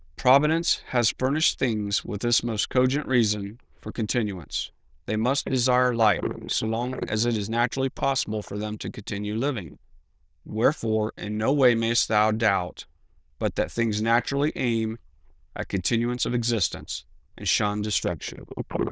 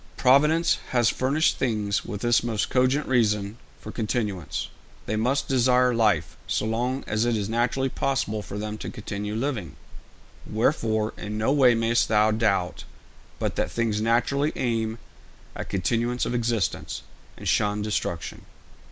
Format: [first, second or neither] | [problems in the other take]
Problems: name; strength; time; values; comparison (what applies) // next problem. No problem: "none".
second | noise reduction (neural diffusion model UNIVERSE++)